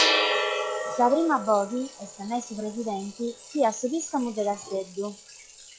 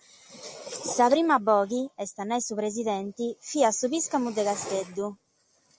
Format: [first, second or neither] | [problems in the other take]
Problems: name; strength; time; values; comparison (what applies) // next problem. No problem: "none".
second | noise reduction (classical method log-MMSE)